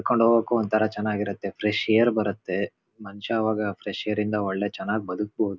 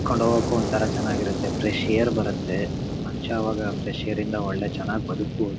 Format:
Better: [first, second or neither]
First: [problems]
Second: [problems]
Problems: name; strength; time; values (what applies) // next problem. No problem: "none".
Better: first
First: none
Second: background sound (Fire); 1 dB below the speech